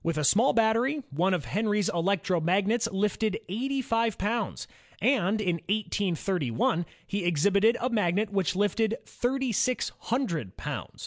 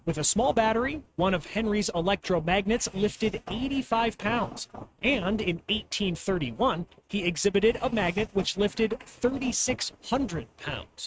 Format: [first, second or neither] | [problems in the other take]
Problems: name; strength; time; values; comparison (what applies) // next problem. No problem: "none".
first | noise reduction (neural mask model RNNoise)